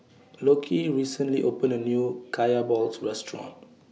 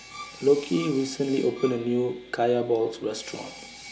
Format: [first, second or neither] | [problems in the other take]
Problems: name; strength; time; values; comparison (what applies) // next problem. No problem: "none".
first | background sound (Sawing + Bowed string instrument); 17 dB below the speech